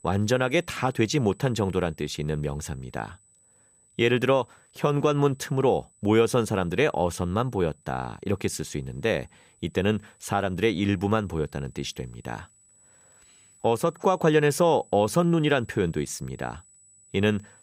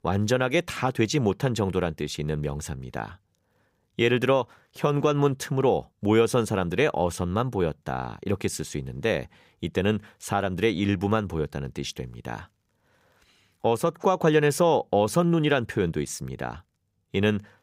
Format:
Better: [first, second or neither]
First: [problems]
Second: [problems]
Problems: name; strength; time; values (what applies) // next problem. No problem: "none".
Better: second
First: high-pitched whine; faint; throughout; 8 kHz, 30 dB below the speech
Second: none